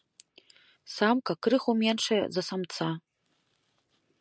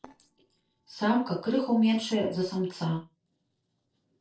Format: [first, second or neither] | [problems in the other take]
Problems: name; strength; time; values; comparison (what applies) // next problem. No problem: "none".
first | noise reduction (neural separator model SepFormer DNS4)